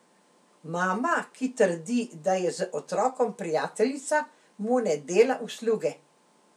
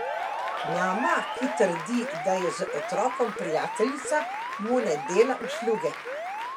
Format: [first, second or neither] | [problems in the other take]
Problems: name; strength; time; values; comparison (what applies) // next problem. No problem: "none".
first | background sound (Applause / Cheering + Alarm); 4 dB below the speech